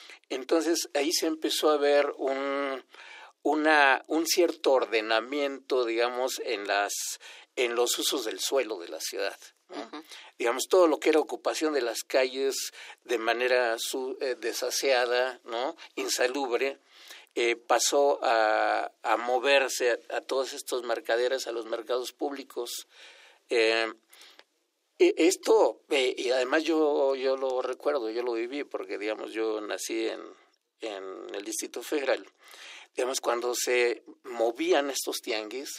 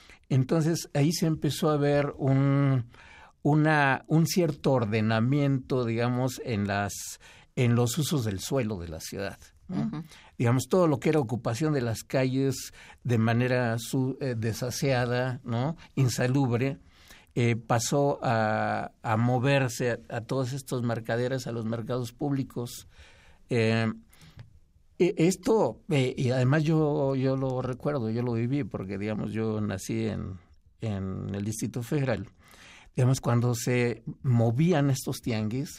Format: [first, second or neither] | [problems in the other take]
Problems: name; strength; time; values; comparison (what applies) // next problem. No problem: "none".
second | thin; very; fading below 350 Hz